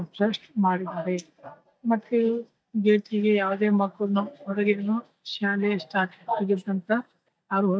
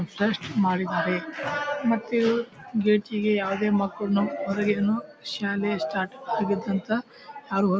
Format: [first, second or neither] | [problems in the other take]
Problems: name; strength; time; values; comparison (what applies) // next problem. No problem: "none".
second | noise reduction (neural mask model DeepFilterNet 3)